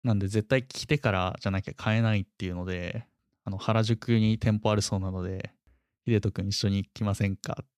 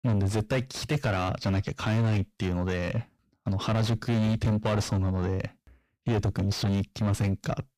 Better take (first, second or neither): first